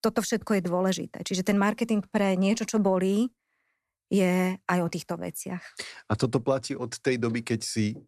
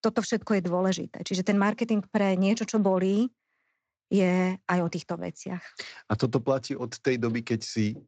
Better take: first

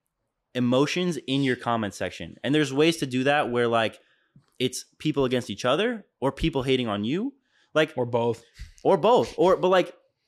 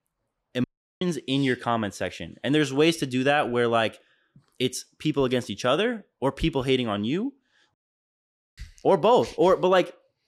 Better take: first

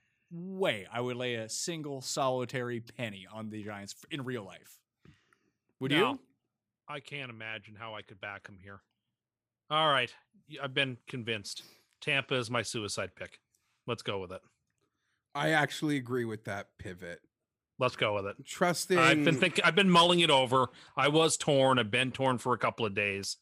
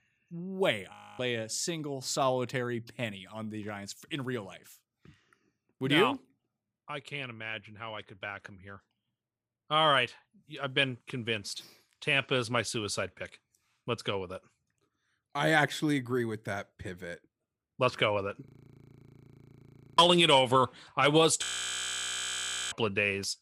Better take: first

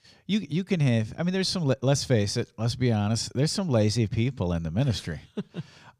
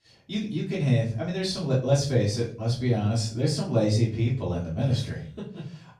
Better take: first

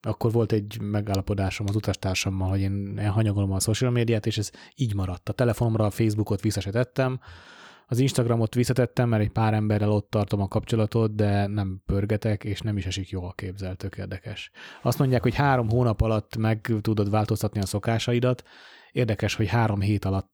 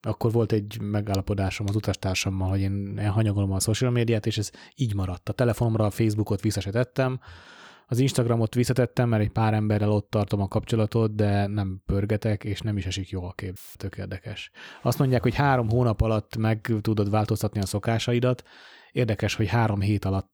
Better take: first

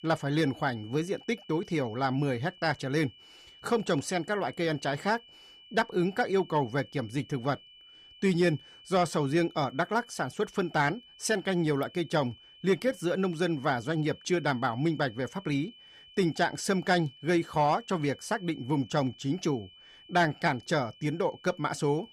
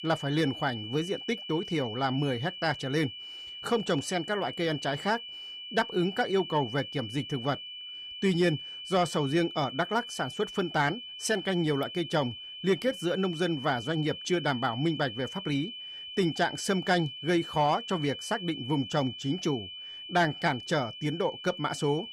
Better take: first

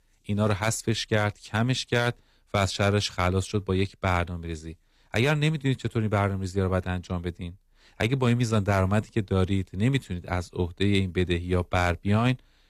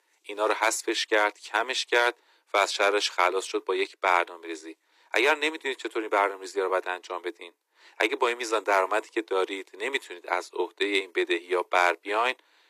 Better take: first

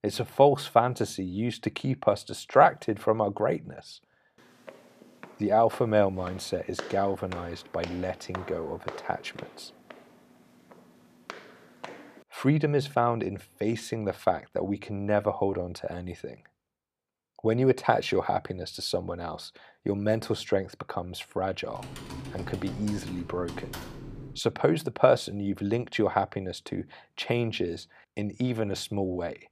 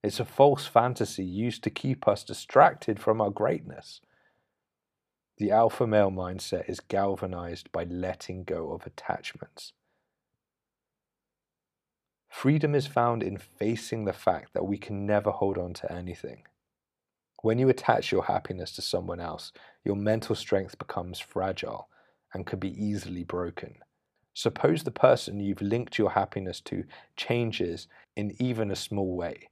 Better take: second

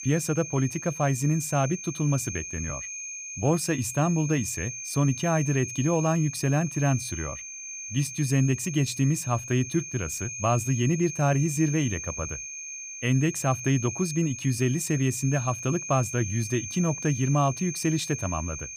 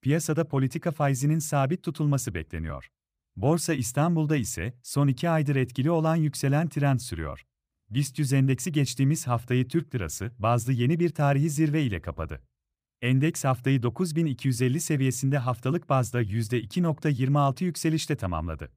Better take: second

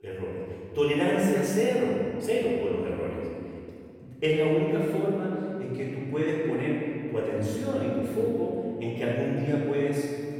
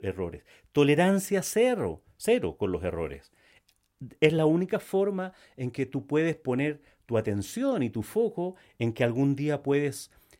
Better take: second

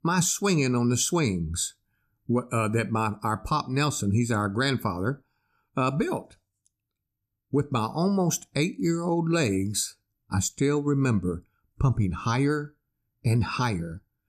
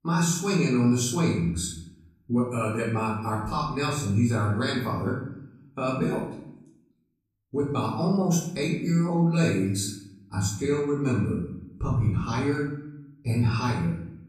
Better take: first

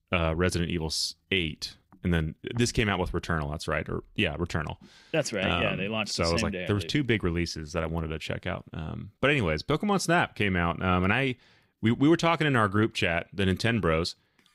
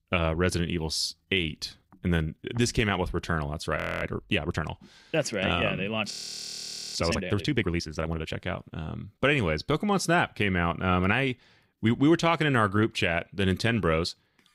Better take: first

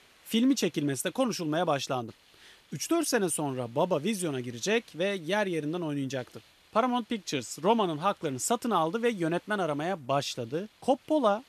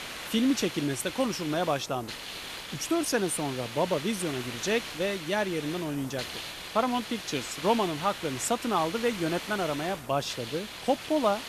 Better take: first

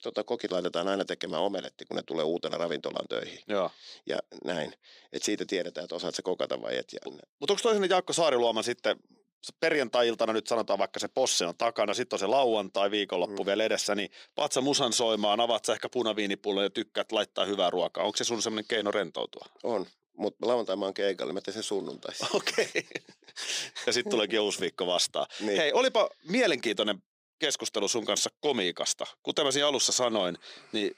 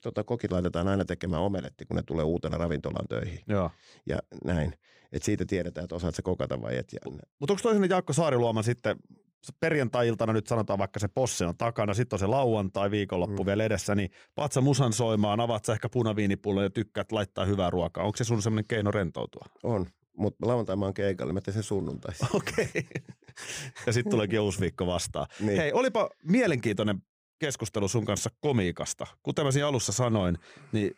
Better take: second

